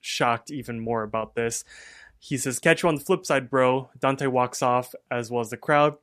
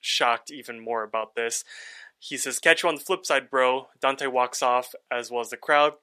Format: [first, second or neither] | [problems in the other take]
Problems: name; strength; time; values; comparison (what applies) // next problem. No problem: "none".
first | thin; somewhat; fading below 450 Hz